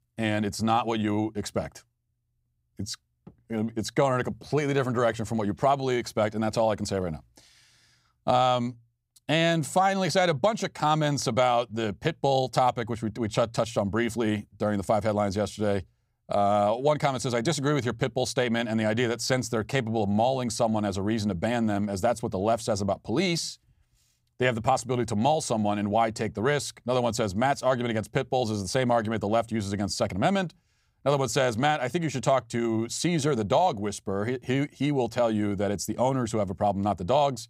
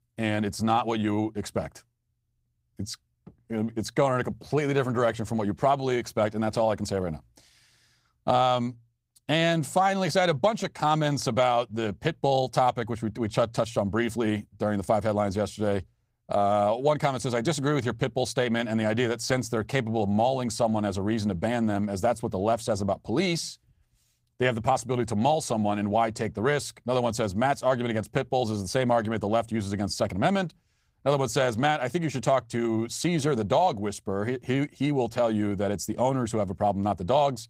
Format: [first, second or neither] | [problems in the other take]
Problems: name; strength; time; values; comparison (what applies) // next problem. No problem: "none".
first | garbled, watery; slightly; nothing above 15.5 kHz